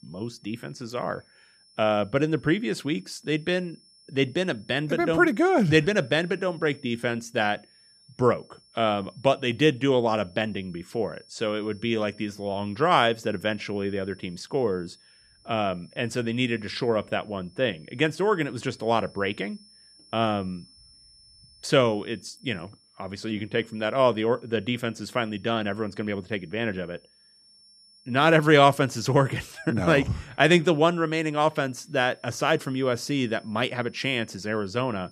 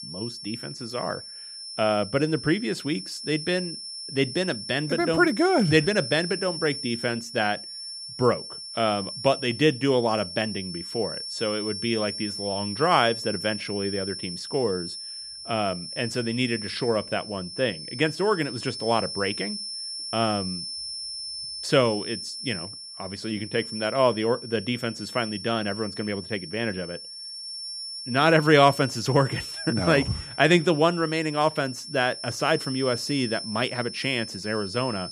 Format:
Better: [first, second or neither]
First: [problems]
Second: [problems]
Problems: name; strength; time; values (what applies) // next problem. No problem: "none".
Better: first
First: high-pitched whine; faint; throughout; 5.5 kHz, 30 dB below the speech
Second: high-pitched whine; loud; throughout; 5.5 kHz, 8 dB below the speech